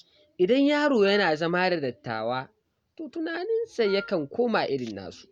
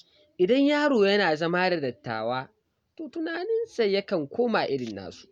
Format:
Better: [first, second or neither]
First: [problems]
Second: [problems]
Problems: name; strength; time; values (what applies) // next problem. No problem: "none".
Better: second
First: background sound (Wind instrument, woodwind instrument); 17 dB below the speech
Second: none